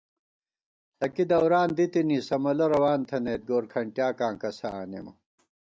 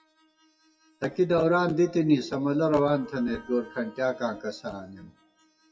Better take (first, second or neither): first